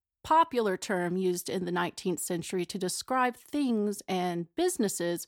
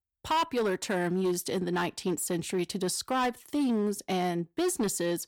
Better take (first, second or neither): first